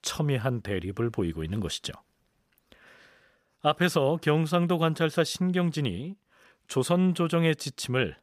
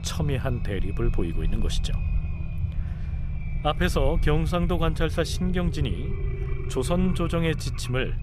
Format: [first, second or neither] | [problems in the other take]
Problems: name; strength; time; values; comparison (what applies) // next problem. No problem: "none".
first | low rumble; noticeable; throughout; 15 dB below the speech